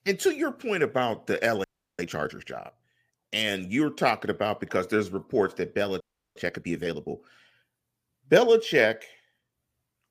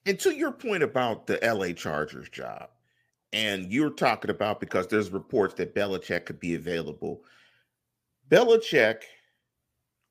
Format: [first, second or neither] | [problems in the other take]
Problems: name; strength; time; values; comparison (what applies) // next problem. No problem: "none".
second | audio freezing; at 1.5 s and at 6 s